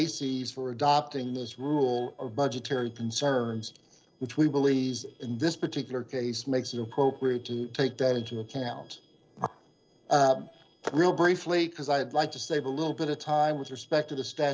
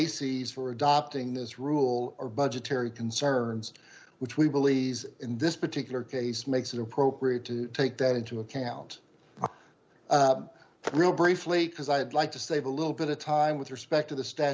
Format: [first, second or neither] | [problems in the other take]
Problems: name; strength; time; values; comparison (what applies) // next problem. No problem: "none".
second | noise reduction (neural separator model SepFormer DNS4)